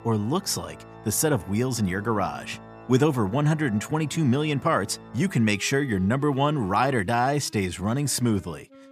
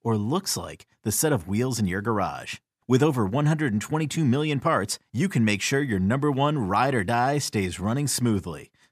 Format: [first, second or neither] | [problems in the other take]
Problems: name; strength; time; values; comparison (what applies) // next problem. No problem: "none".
second | background music; faint; throughout; 20 dB below the speech